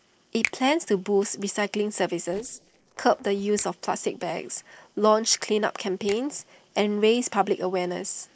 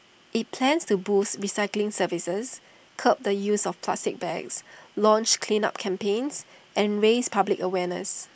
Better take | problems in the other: second | noise reduction (neural separator model SepFormer DNS4)

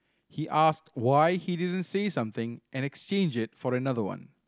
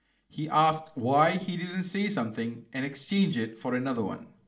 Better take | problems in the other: first | room echo; dies away in 0.4 s

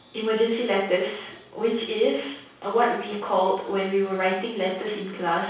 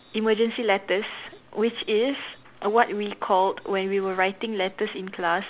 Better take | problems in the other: second | room echo; dies away in 0.7 s

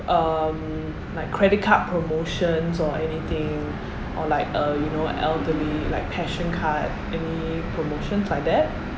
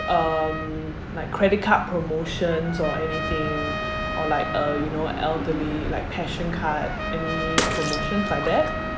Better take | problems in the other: first | background sound (Bathtub (filling or washing) / Water / Splash, splatter + Trumpet); 6 dB below the speech

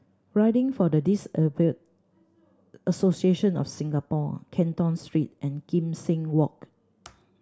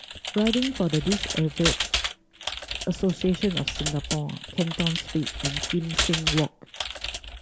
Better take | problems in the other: first | background sound (Computer keyboard); 3 dB below the speech

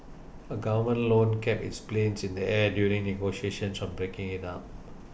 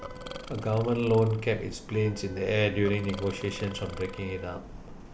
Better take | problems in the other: first | background sound (Burping, eructation + Wind instrument, woodwind instrument); 16 dB below the speech

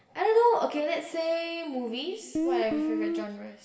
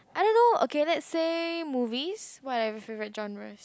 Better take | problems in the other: second | background sound (Guitar); as loud as the speech // room echo; dies away in 1 s

